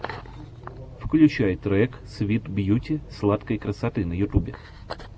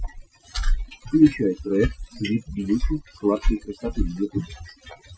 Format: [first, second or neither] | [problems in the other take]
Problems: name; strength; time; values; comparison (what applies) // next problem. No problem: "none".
first | noise reduction (classical method Wiener filter)